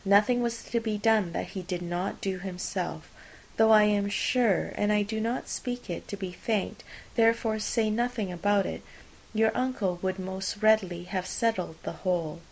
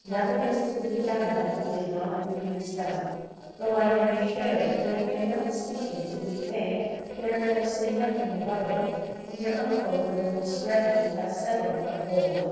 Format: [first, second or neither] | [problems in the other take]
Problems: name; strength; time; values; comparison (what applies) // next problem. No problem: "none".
first | noise reduction (neural separator model SepFormer DNS4)